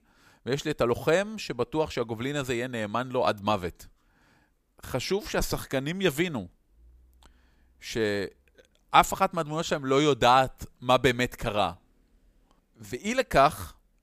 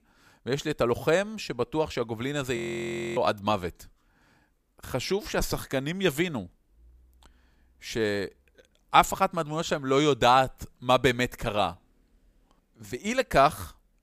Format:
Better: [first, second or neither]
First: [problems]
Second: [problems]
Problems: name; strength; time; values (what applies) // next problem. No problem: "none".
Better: first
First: none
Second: audio freezing; at 2.5 s for 0.5 s